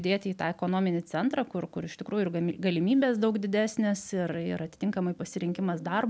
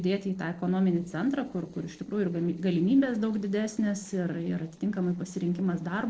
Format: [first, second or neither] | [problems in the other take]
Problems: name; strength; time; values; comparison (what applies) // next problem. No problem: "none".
first | noise reduction (neural separator model SepFormer DNS4)